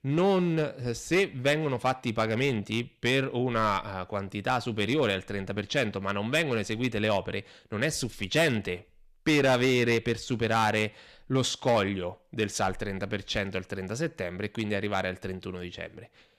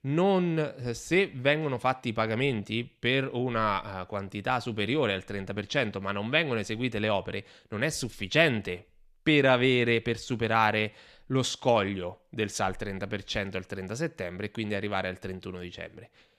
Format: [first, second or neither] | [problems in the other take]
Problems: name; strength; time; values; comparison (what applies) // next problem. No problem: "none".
second | distortion; slight; 4% of the sound clipped